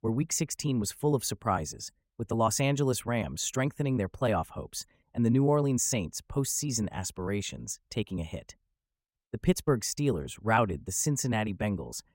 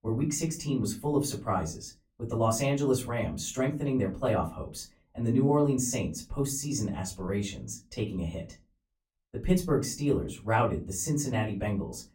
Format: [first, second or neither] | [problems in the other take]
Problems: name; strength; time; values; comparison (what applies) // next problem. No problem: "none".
first | off-mic speech; far // room echo; very slight; dies away in 0.3 s